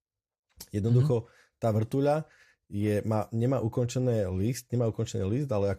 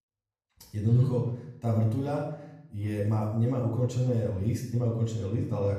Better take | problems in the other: first | off-mic speech; somewhat distant // room echo; noticeable; dies away in 0.6 s

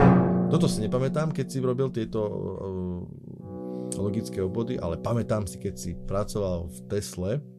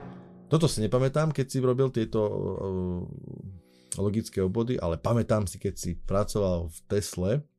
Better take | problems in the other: second | background music; loud; throughout; 1 dB below the speech; faint in the second

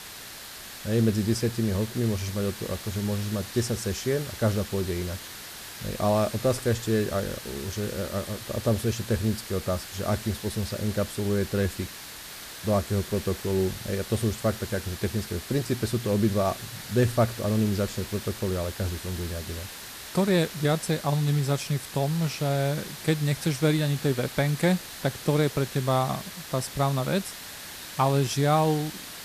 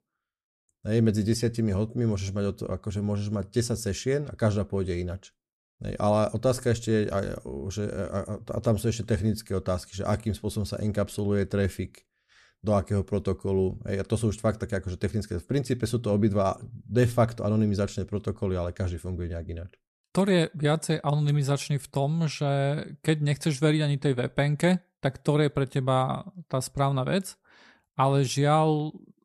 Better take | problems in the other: second | hiss; noticeable; throughout; 10 dB below the speech

